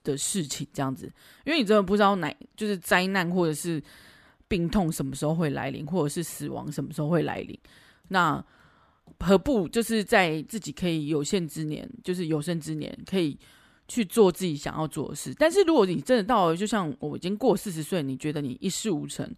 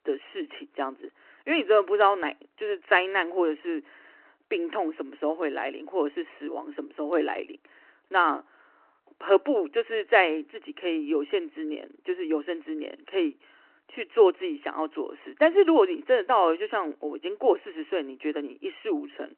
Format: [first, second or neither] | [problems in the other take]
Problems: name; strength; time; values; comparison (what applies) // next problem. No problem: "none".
first | phone-call audio